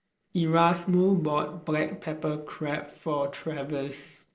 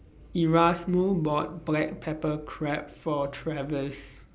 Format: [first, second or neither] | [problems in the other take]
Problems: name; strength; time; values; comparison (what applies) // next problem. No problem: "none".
second | noise reduction (neural separator model SepFormer DNS4)